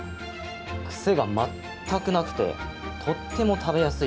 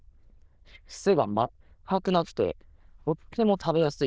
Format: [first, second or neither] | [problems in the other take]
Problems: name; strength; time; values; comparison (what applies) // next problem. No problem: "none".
first | noise reduction (neural diffusion model UNIVERSE++)